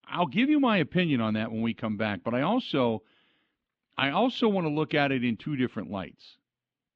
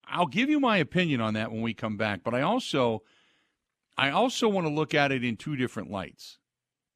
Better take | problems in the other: second | muffled; very slightly; fading above 3.5 kHz

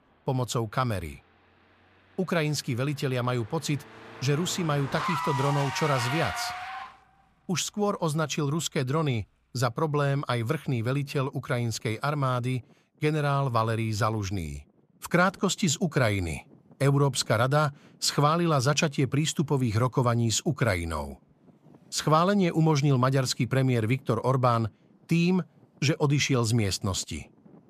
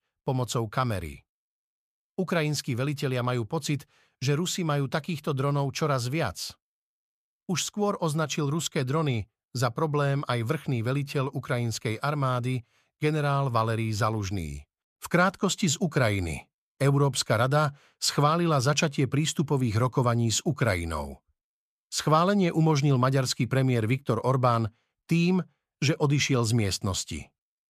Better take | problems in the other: second | traffic noise; loud; throughout; 8 dB below the speech

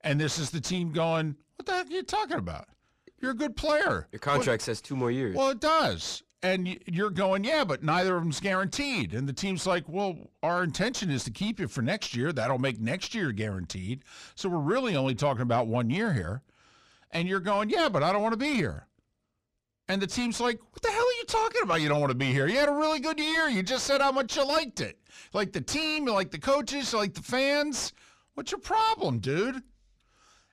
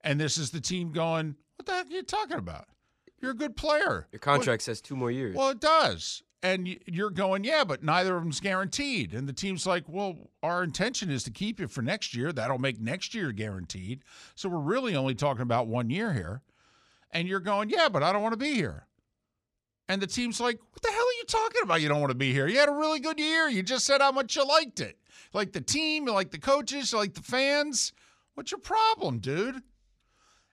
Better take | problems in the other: second | distortion; slight; 10 dB below the speech

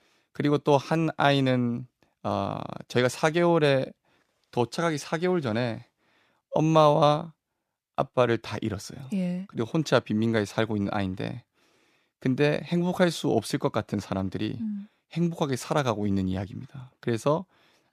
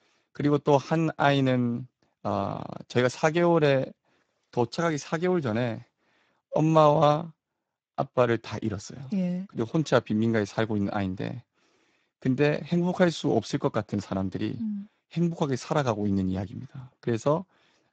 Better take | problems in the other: first | garbled, watery; badly; nothing above 7.5 kHz

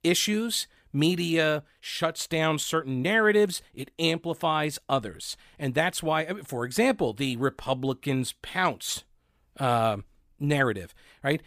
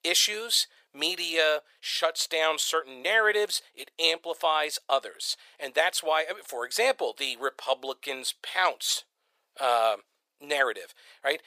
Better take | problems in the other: first | thin; very; fading below 500 Hz

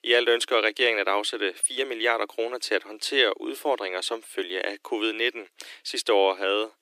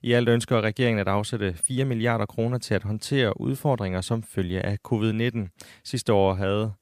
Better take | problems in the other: second | thin; very; fading below 300 Hz

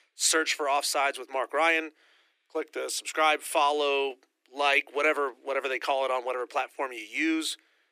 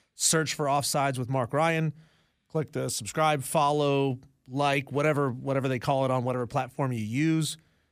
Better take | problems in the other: second | thin; very; fading below 300 Hz

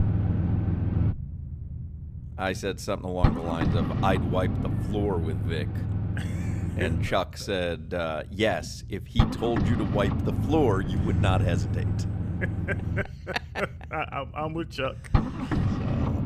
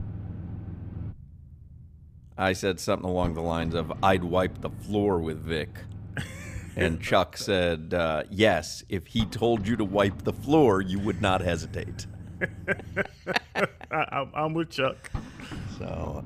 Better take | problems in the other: second | low rumble; loud; throughout; 6 dB below the speech; faint in the second

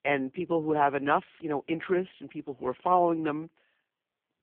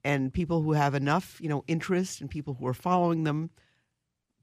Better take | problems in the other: second | phone-call audio; poor line

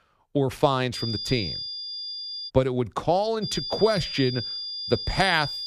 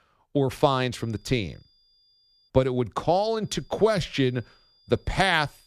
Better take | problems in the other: second | high-pitched whine; loud; from 1 to 2.5 s and from 3.5 s on; 5 kHz, 6 dB below the speech; faint in the second

